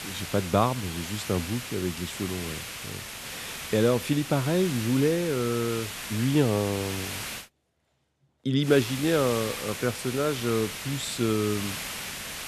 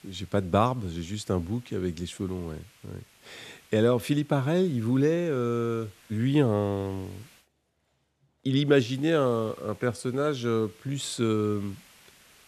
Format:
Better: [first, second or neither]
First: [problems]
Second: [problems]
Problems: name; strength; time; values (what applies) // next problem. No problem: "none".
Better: second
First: hiss; loud; until 7.5 s and from 8.5 s on; 7 dB below the speech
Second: hiss; faint; until 7.5 s and from 8.5 s on; 30 dB below the speech